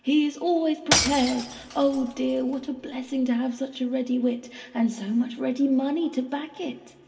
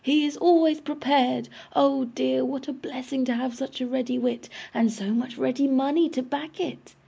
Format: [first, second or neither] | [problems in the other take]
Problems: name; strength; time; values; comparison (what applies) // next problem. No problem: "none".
second | background sound (Shatter / Crushing); 4 dB below the speech // room echo; dies away in 1.6 s